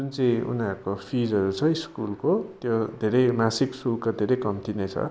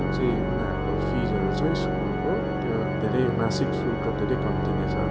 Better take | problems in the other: first | background sound (Organ); 4 dB above the speech

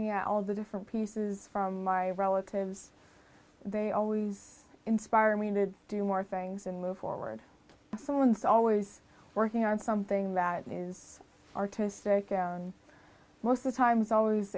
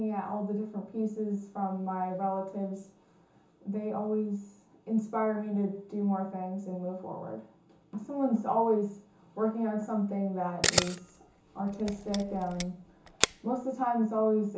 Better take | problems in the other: first | background sound (Camera); 2 dB below the speech // room echo; dies away in 0.7 s

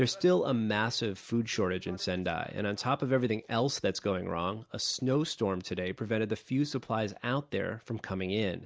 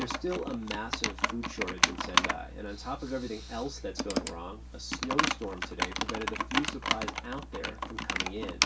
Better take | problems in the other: first | background sound (Computer keyboard); 5 dB above the speech // room echo; dies away in 0.2 s

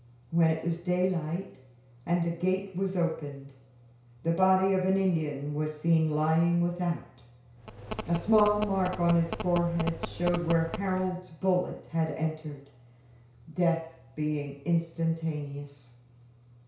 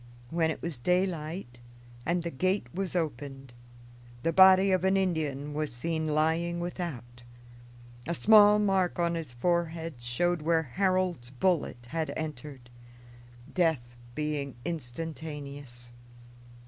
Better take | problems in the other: second | background sound (Telephone); 8 dB below the speech // room echo; dies away in 0.6 s

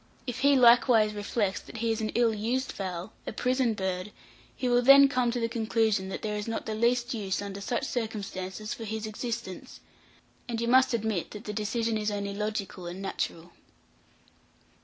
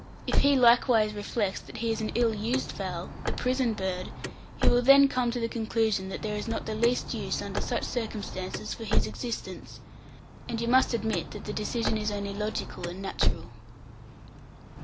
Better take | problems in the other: first | background sound (Car); 3 dB below the speech

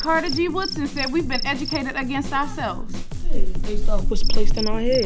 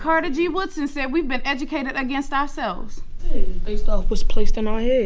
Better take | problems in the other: second | background sound (Drum kit + Cricket); 14 dB below the speech

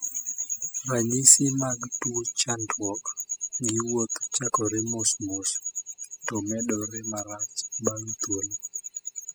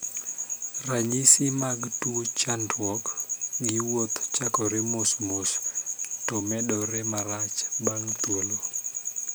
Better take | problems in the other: second | noise reduction (classical method spectral subtraction)

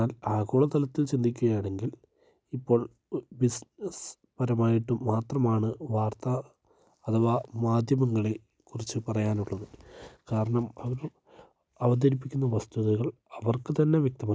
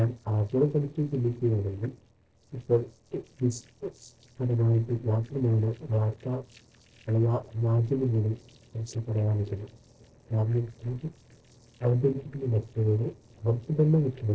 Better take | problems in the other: first | noise reduction (neural separator model SepFormer DNS4)

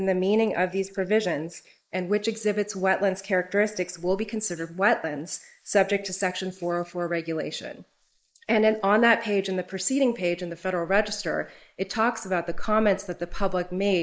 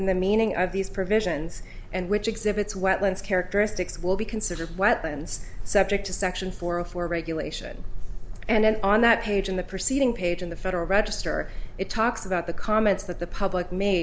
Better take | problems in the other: second | noise reduction (neural mask model Resemble Enhance denoiser)

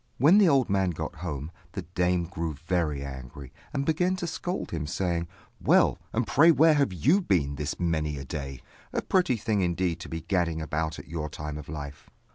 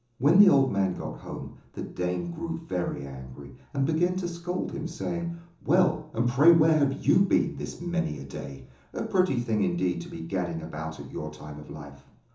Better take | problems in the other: first | room echo; dies away in 0.7 s

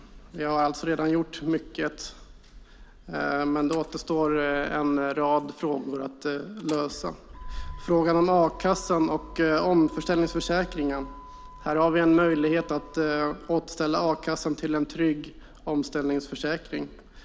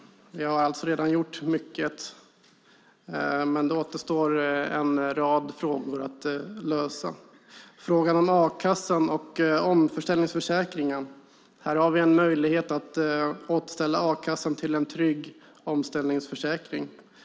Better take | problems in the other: second | background sound (Motor vehicle (road)); 18 dB below the speech

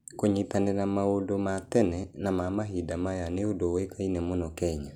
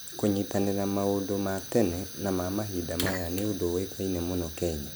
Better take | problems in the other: first | background sound (Fire); 10 dB below the speech

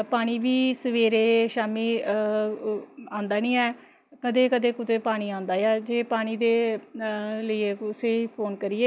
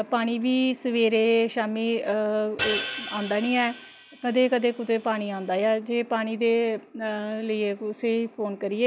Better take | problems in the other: first | background sound (Hi-hat); 11 dB below the speech

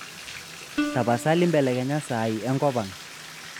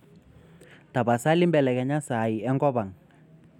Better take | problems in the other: second | background sound (Bathtub (filling or washing) + Plucked string instrument); 10 dB below the speech

